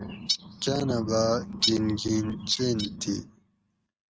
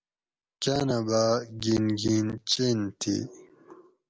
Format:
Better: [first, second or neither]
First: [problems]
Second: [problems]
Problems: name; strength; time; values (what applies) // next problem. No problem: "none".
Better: second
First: noise reduction (neural mask model RNNoise)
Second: none